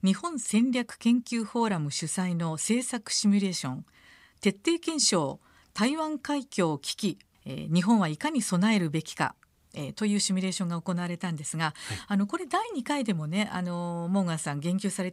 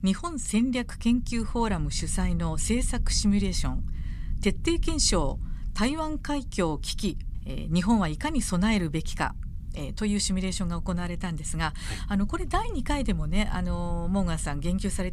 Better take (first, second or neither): first